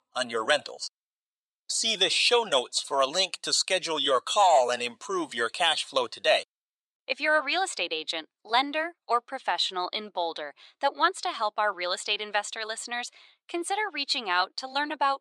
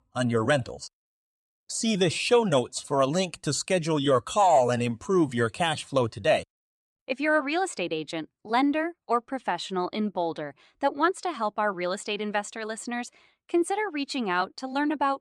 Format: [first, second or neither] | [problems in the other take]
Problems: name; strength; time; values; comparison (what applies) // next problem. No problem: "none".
second | thin; somewhat; fading below 600 Hz